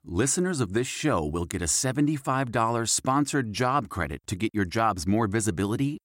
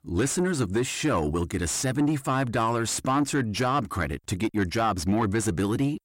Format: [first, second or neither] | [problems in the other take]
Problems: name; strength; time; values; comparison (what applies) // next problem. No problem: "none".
first | distortion; slight; 10 dB below the speech